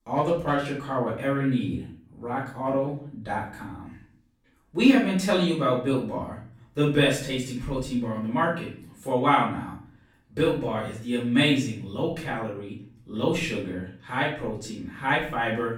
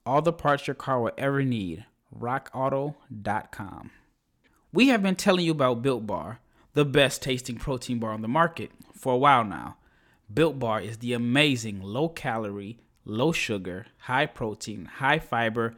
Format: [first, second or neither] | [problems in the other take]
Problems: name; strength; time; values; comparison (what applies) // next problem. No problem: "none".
second | room echo; noticeable; dies away in 0.5 s // off-mic speech; far